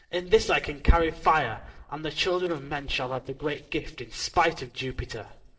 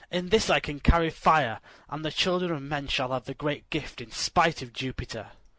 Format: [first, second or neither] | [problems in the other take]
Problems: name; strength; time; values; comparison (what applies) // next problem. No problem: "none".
second | noise reduction (neural separator model SepFormer DNS4)